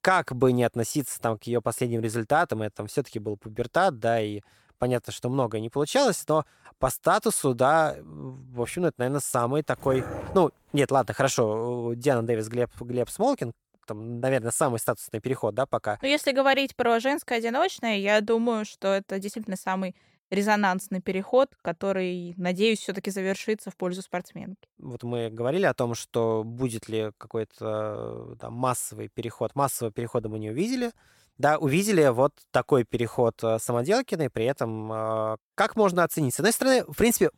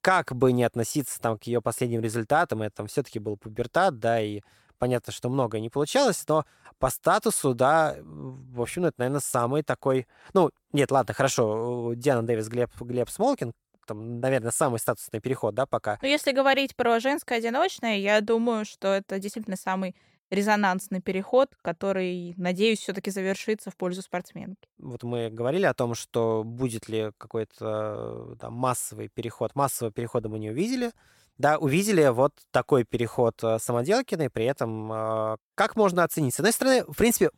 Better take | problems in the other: second | dog barking; noticeable; at 10 s; peak 9 dB below the speech

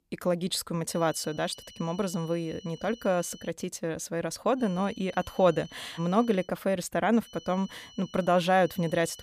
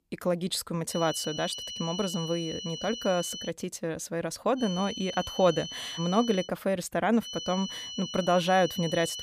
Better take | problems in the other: first | high-pitched whine; loud; from 1 to 3.5 s, from 4.5 to 6.5 s and from 7 s on; 3 kHz, 8 dB below the speech; faint in the first

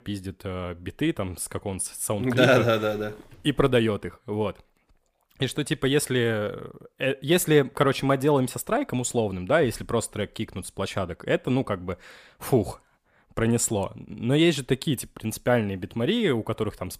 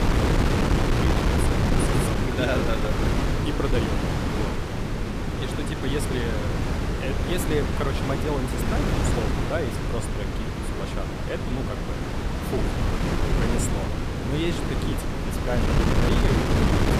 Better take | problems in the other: first | wind noise on the microphone; heavy; 4 dB above the speech

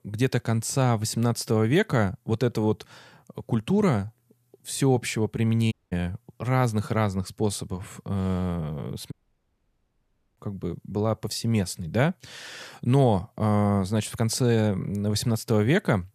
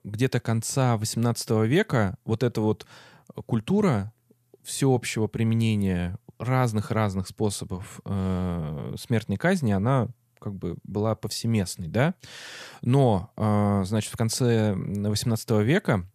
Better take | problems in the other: second | audio cutting out; at 5.5 s and at 9 s for 1.5 s

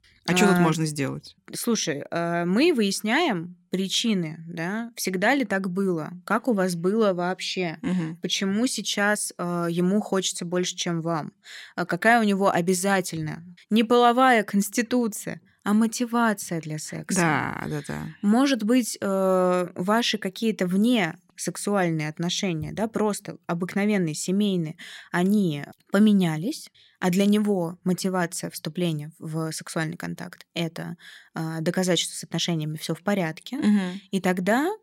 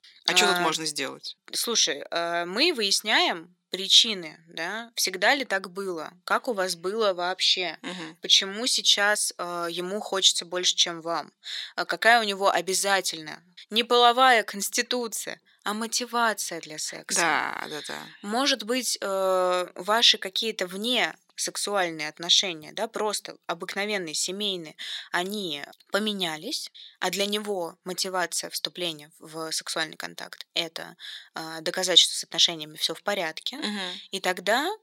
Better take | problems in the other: first | thin; somewhat; fading below 500 Hz

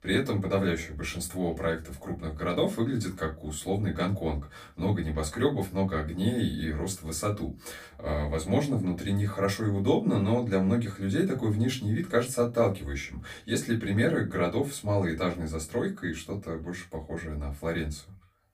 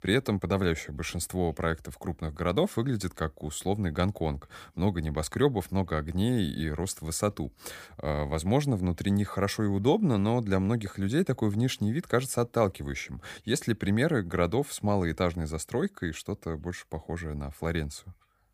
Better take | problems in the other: second | off-mic speech; far // room echo; very slight; dies away in 0.2 s

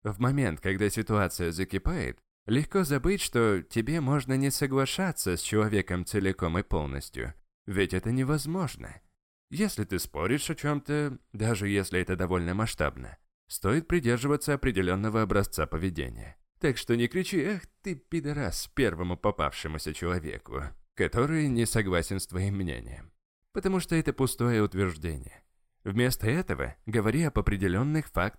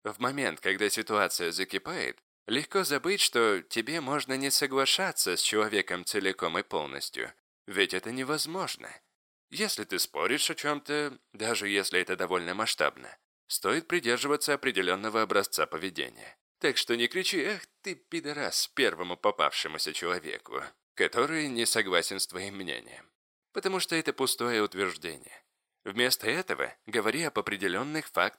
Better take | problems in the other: first | thin; somewhat; fading below 400 Hz

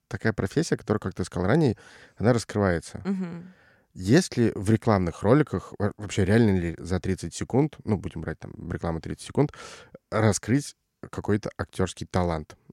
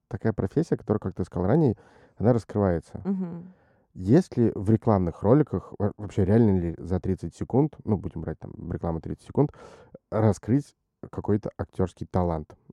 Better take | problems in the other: first | muffled; slightly; fading above 1 kHz

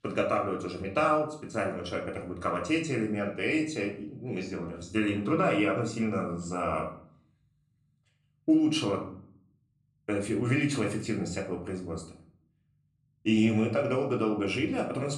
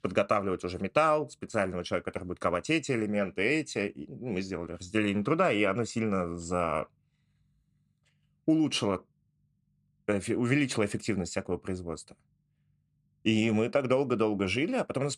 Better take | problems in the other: second | room echo; slight; dies away in 0.4 s // off-mic speech; somewhat distant

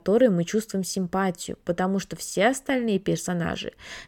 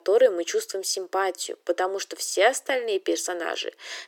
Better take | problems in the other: first | thin; very; fading below 350 Hz

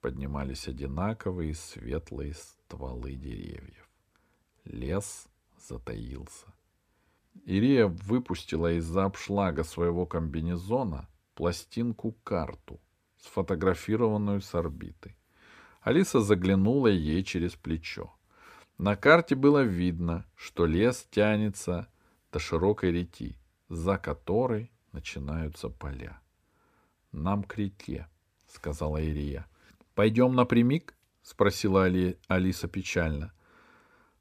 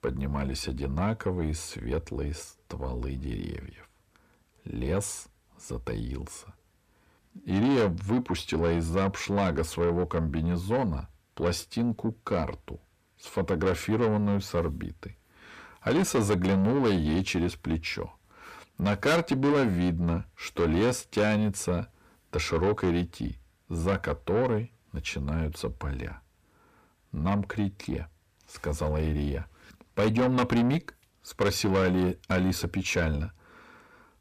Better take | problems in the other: first | distortion; heavy; 7 dB below the speech

